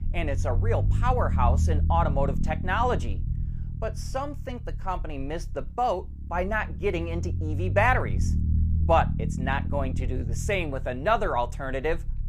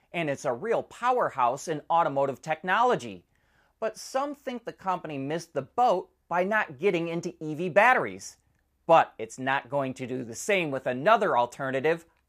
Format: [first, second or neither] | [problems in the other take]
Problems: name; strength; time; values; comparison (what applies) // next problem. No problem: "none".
second | low rumble; noticeable; throughout; 15 dB below the speech